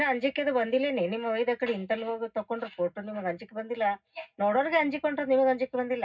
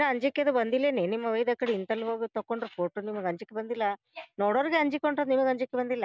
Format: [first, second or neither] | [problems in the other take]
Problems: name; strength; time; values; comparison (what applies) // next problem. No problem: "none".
second | room echo; dies away in 0.4 s